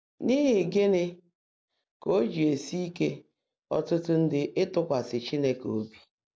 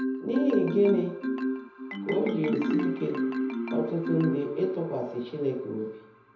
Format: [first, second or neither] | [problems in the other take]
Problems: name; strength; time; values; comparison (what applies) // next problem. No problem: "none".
first | background sound (Marimba, xylophone); 2 dB below the speech // room echo; dies away in 0.7 s